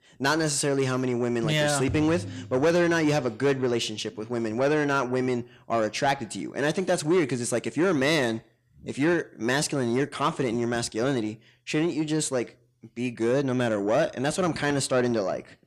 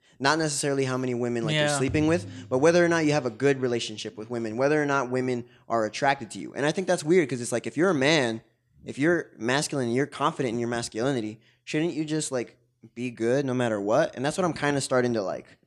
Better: second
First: distortion; slight; 10 dB below the speech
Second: none

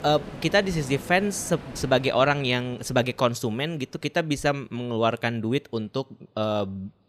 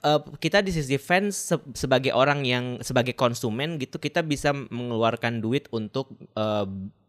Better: second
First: train or aircraft noise; noticeable; throughout; 15 dB below the speech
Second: none

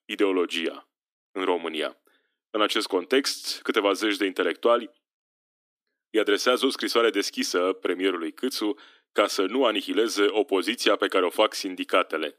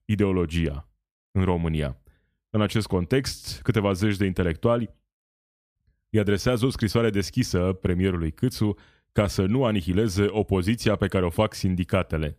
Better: second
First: thin; somewhat; fading below 300 Hz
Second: none

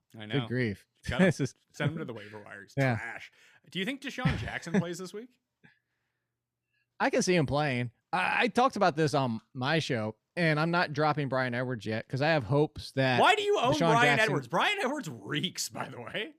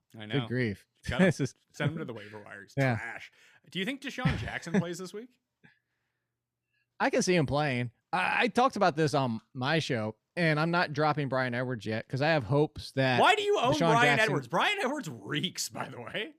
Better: neither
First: none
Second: none

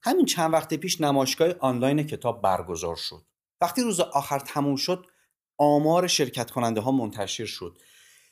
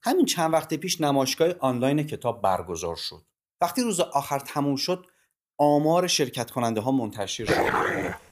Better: first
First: none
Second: dog barking; loud; at 7.5 s; peak 2 dB above the speech

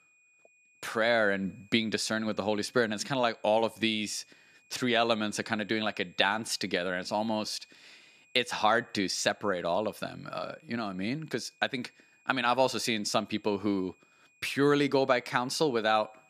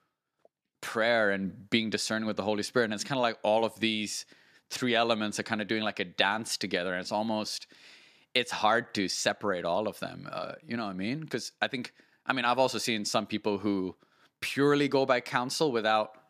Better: second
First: high-pitched whine; faint; throughout; 2.5 kHz, 30 dB below the speech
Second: none

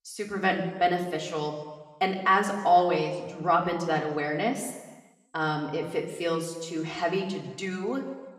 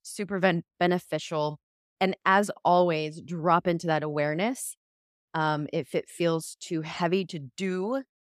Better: second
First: room echo; slight; dies away in 1.1 s // off-mic speech; somewhat distant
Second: none

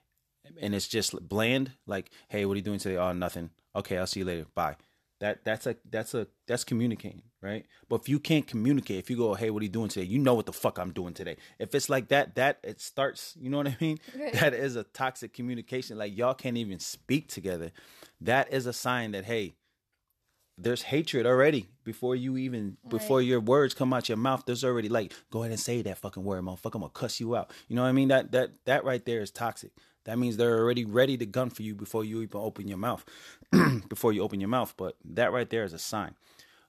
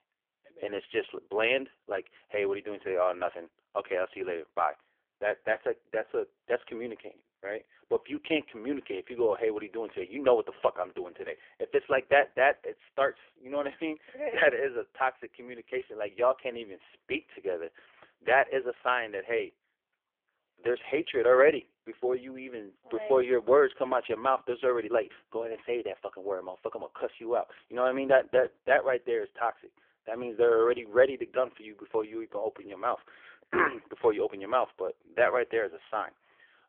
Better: first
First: none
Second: phone-call audio; poor line; nothing above 3.5 kHz

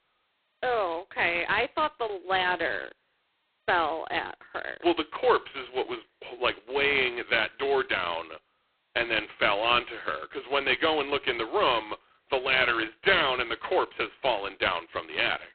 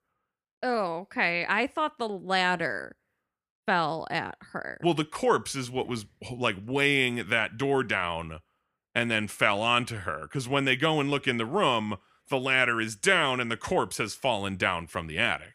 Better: second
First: phone-call audio; poor line; nothing above 3.5 kHz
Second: none

